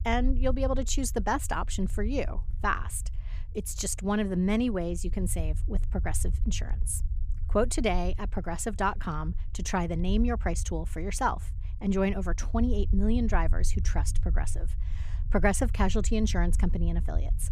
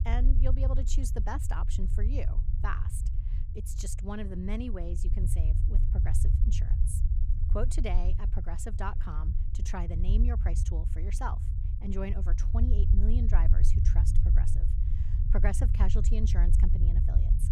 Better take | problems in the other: first | low rumble; loud; throughout; 6 dB below the speech; faint in the first

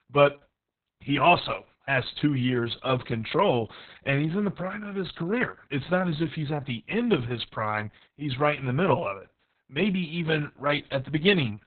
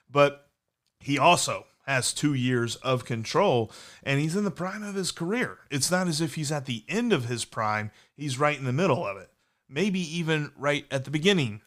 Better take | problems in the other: second | garbled, watery; badly; nothing above 4 kHz

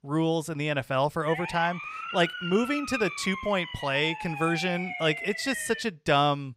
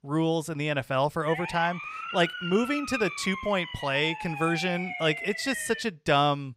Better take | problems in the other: neither | siren; noticeable; from 1.5 to 6 s; peak 6 dB below the speech; the same in both

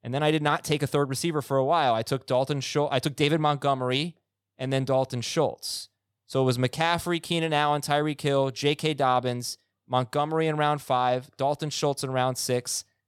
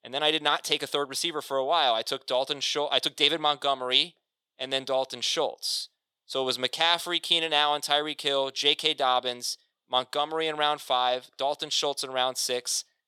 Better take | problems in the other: first | thin; somewhat; fading below 450 Hz

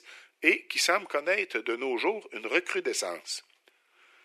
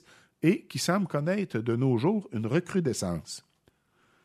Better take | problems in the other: second | thin; very; fading below 350 Hz

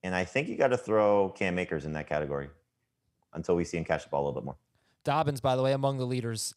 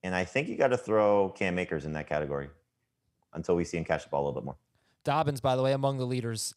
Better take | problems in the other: neither | none

